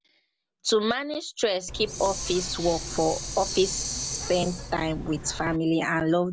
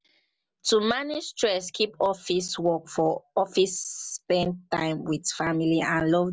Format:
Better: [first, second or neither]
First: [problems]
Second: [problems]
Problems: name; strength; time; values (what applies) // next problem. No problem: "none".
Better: second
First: background sound (Hiss); 7 dB below the speech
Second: none